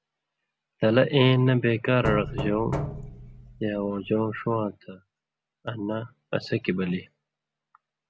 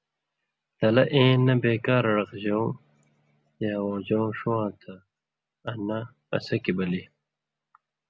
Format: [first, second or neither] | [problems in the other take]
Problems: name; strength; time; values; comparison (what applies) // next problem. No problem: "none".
second | background sound (Knock); 7 dB below the speech